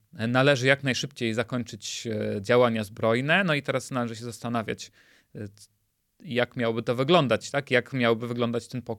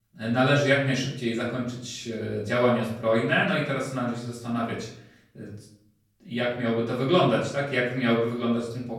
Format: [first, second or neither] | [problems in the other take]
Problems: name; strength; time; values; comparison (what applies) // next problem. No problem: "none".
first | off-mic speech; far // room echo; noticeable; dies away in 0.6 s